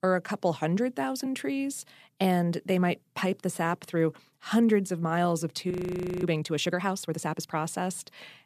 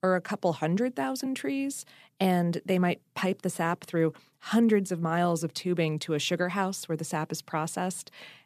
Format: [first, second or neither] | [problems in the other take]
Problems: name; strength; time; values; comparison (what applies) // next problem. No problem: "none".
second | audio freezing; at 5.5 s for 0.5 s